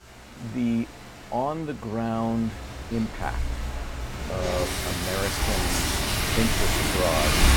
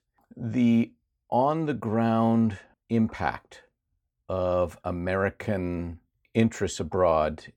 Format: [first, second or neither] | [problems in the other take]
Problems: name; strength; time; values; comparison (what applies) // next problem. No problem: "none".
second | rain or running water; very loud; throughout; 3 dB above the speech